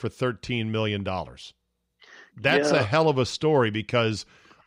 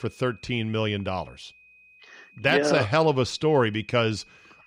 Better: first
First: none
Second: high-pitched whine; faint; throughout; 2.5 kHz, 30 dB below the speech

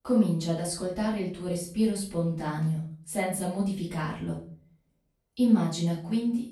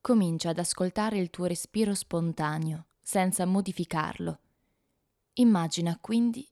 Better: second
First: off-mic speech; far // room echo; noticeable; dies away in 0.4 s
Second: none

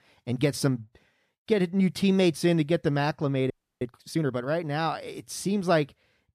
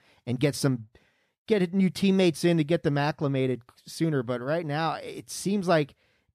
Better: second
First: audio freezing; at 3.5 s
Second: none

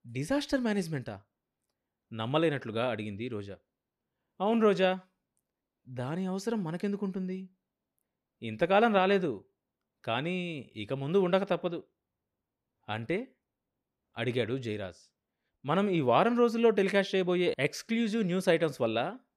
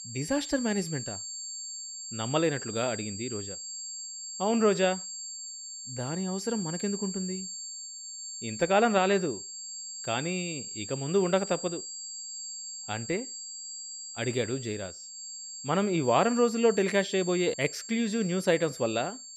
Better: first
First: none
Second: high-pitched whine; loud; throughout; 7.5 kHz, 9 dB below the speech

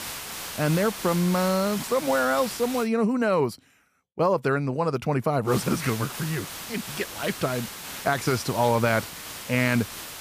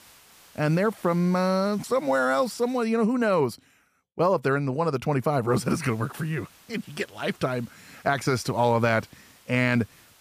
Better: second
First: hiss; loud; until 3 s and from 5.5 s on; 9 dB below the speech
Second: hiss; faint; until 3 s and from 5.5 s on; 25 dB below the speech

